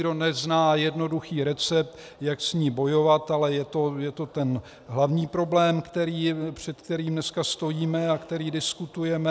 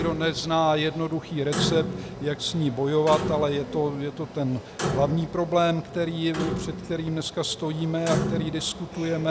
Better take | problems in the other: first | background sound (Clock); 7 dB below the speech

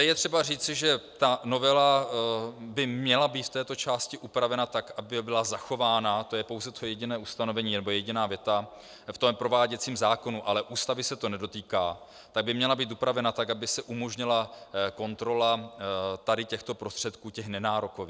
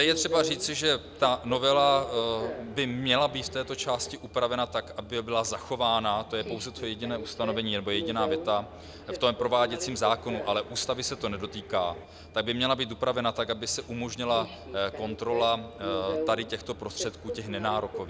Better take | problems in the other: first | background sound (Subway, metro, underground); 10 dB below the speech

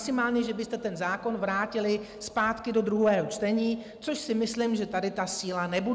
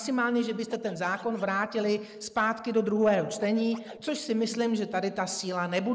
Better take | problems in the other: first | noise reduction (neural mask model Resemble Enhance denoiser)

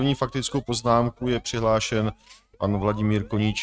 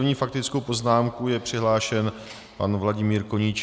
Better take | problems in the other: second | noise reduction (neural mask model RNNoise)

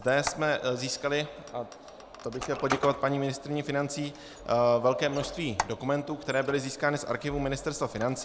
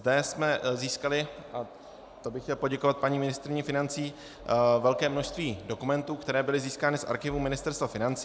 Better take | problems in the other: second | background sound (Squeak); 12 dB below the speech

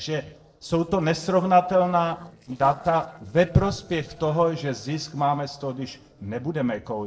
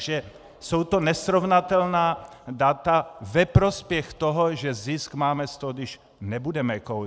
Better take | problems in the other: second | noise reduction (neural separator model SepFormer DNS4)

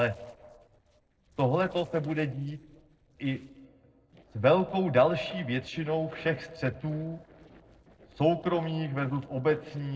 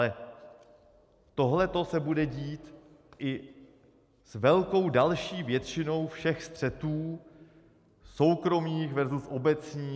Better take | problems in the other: second | noise reduction (neural separator model SepFormer DNS4)

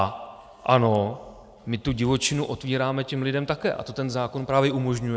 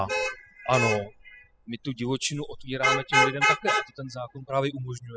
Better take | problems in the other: first | noise reduction (classical method spectral subtraction)

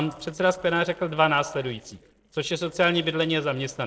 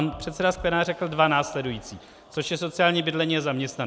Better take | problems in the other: second | noise reduction (neural separator model SepFormer DNS4)

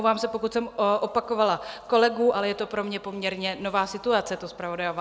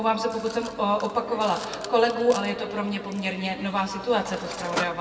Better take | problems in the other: first | background sound (Mechanisms); 12 dB below the speech // room echo; dies away in 2.1 s

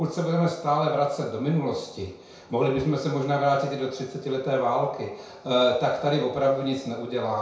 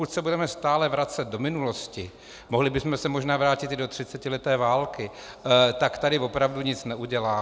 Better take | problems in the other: second | room echo; dies away in 0.5 s

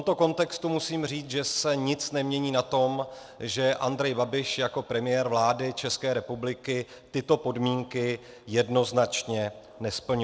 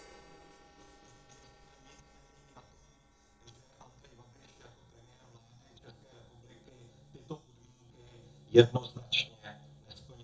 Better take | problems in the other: first | noise reduction (neural mask model DeepFilterNet 3)

